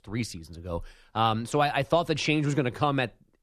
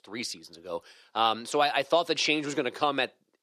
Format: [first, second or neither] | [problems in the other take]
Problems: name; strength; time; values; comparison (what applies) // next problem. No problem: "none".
first | thin; somewhat; fading below 400 Hz